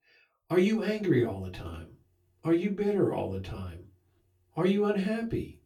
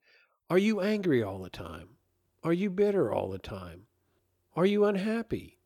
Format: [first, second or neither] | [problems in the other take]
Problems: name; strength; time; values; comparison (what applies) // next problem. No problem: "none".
second | off-mic speech; far // room echo; very slight; dies away in 0.2 s